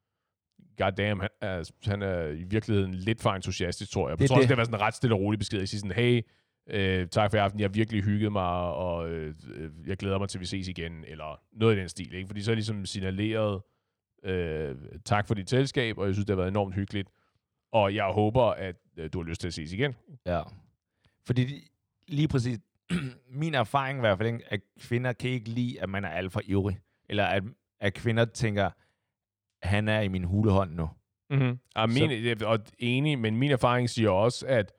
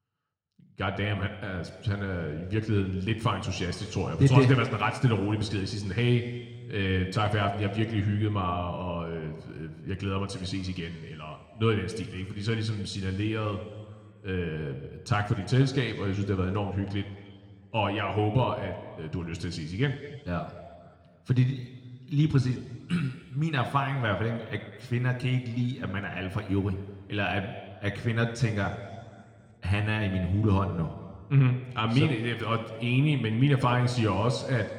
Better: first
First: none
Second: room echo; slight; dies away in 2 s

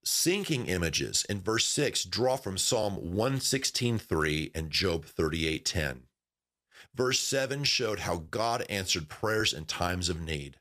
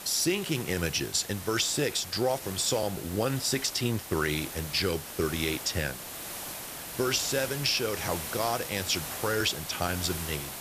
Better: first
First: none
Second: hiss; loud; throughout; 8 dB below the speech

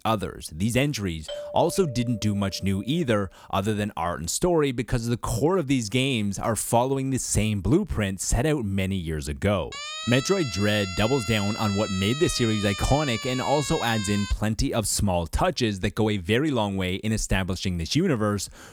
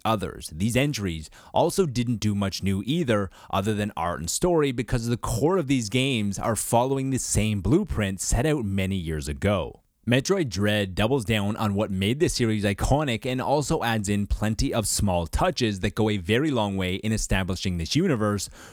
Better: second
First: doorbell; faint; from 1.5 to 3 s; peak 10 dB below the speech // siren; noticeable; from 9.5 to 14 s; peak 7 dB below the speech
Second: none

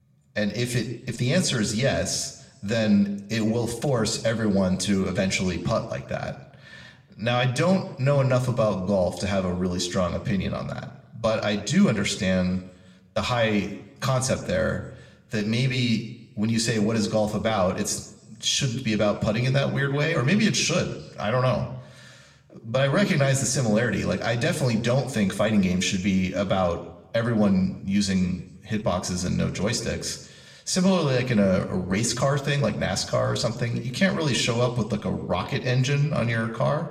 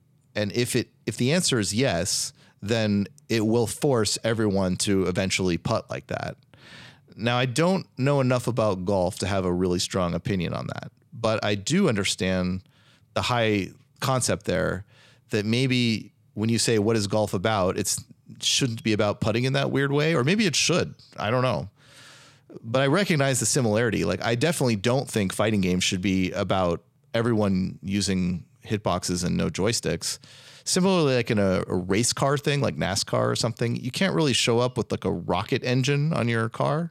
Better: second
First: room echo; very slight; dies away in 0.7 s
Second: none

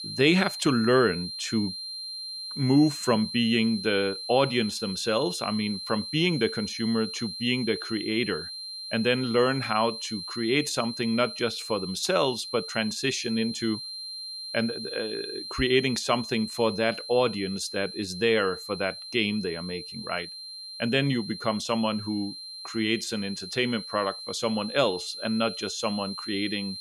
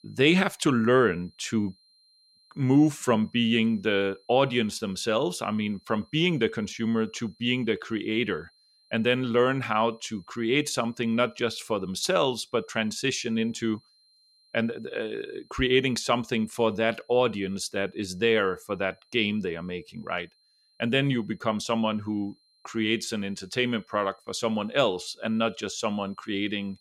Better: second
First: high-pitched whine; loud; throughout; 4 kHz, 8 dB below the speech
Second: high-pitched whine; faint; throughout; 4 kHz, 35 dB below the speech

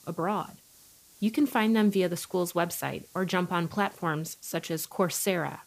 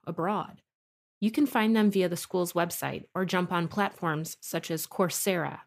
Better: second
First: hiss; faint; throughout; 25 dB below the speech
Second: none

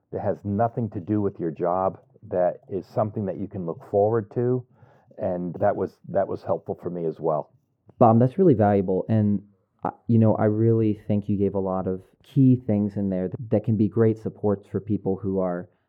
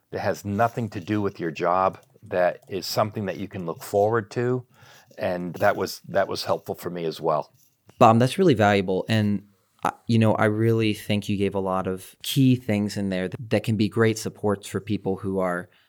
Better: second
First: muffled; very; fading above 1.5 kHz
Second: none

